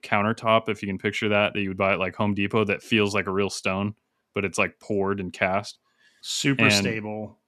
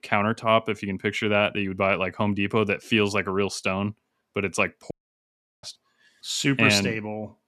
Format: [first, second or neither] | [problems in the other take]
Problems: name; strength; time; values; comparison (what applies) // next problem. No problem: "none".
first | audio cutting out; at 5 s for 0.5 s